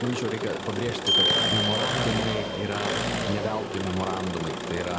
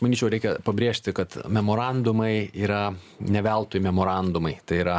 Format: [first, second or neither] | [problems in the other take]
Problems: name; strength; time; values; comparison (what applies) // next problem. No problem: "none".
second | background sound (Engine + Glockenspiel); 3 dB above the speech